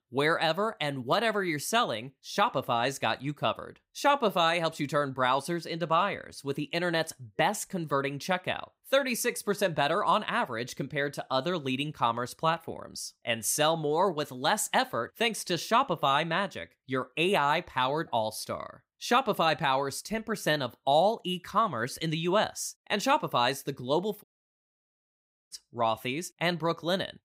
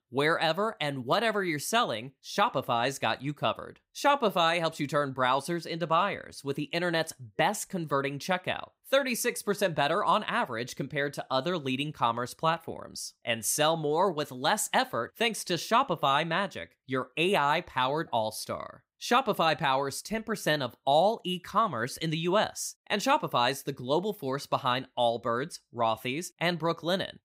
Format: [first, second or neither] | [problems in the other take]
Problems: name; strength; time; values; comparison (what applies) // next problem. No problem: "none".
second | audio cutting out; at 24 s for 1.5 s